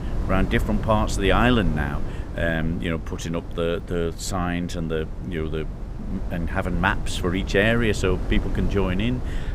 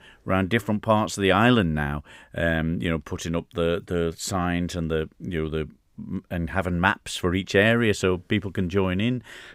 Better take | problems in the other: second | wind noise on the microphone; occasional gusts; 15 dB below the speech

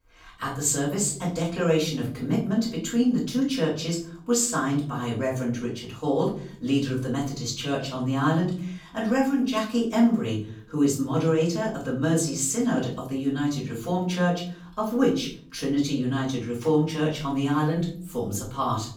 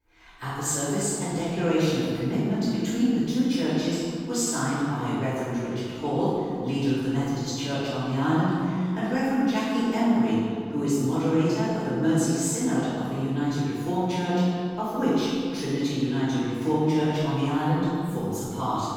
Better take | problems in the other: first | room echo; strong; dies away in 2.3 s; slight in the first // off-mic speech; far; far in the first

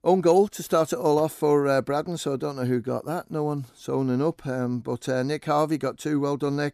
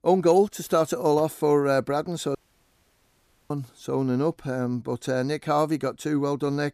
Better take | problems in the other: first | audio cutting out; at 2.5 s for 1 s

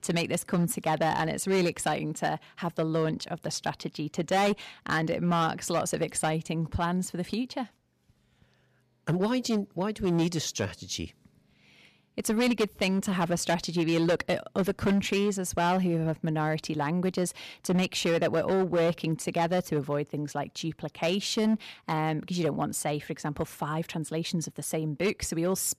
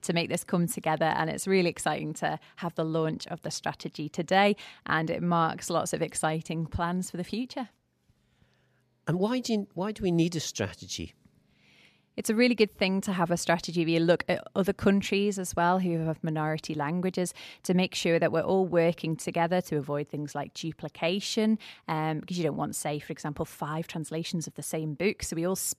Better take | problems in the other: second | distortion; slight; 6% of the sound clipped

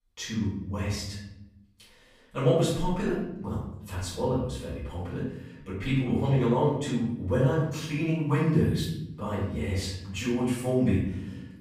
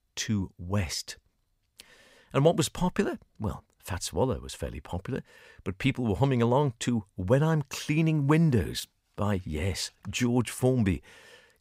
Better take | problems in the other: second | room echo; noticeable; dies away in 0.8 s // off-mic speech; far

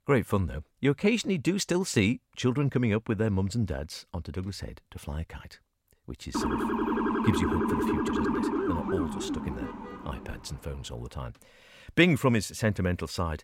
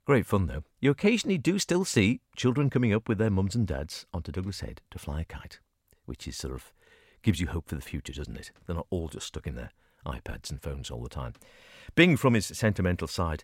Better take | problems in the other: second | siren; loud; from 6.5 to 10 s; peak 2 dB above the speech

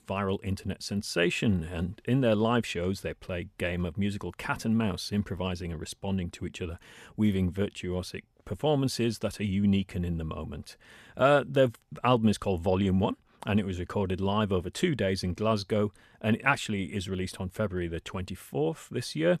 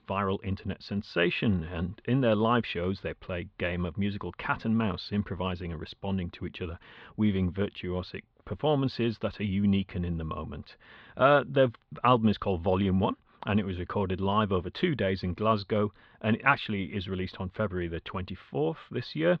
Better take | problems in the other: first | muffled; slightly; fading above 4 kHz

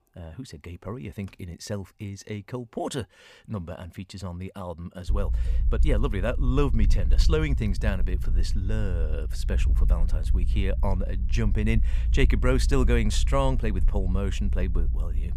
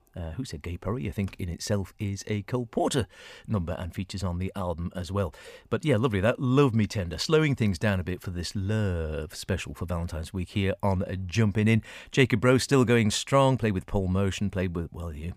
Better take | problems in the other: second | low rumble; noticeable; from 5 s on; 15 dB below the speech

